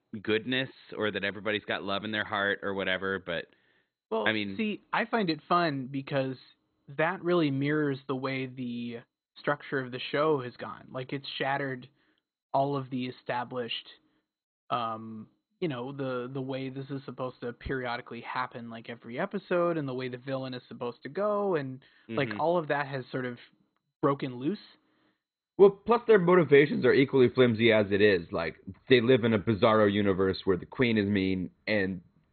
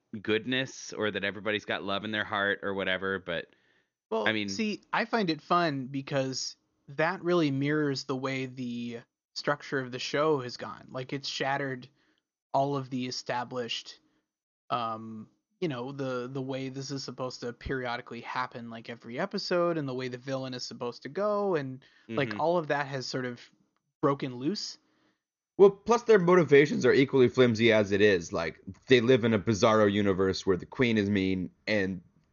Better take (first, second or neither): second